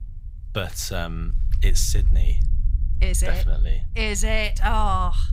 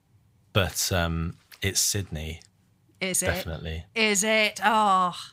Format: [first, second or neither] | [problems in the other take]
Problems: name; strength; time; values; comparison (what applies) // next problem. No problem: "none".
second | low rumble; faint; throughout; 20 dB below the speech